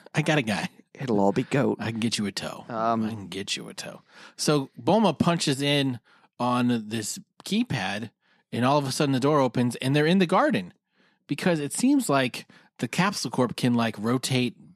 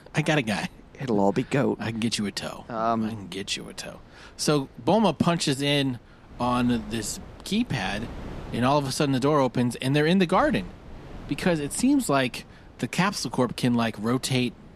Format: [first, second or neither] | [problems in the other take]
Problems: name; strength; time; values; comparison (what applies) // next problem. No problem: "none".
first | wind noise on the microphone; occasional gusts; 25 dB below the speech